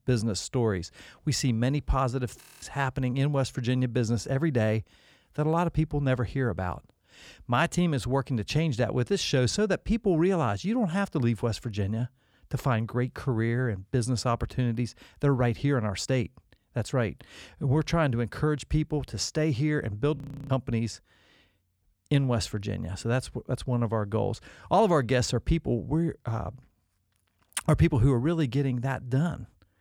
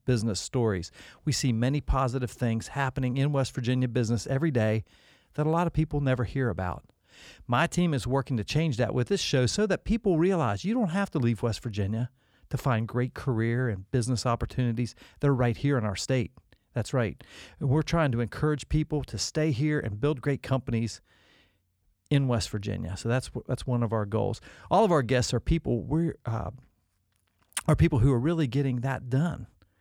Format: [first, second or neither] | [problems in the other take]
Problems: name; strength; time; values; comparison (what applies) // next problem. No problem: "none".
second | audio freezing; at 2.5 s and at 20 s